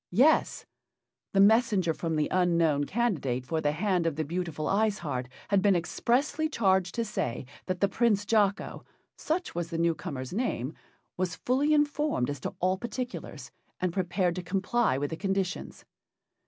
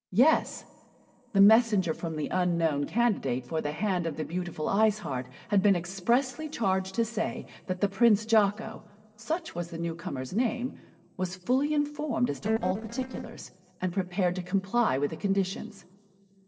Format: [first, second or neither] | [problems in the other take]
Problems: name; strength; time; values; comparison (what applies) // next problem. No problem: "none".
first | noise reduction (neural separator model SepFormer DNS4)